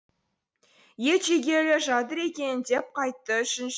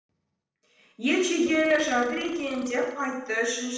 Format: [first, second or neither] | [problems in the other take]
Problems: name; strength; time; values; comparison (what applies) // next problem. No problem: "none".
first | noise reduction (neural separator model SepFormer DNS4)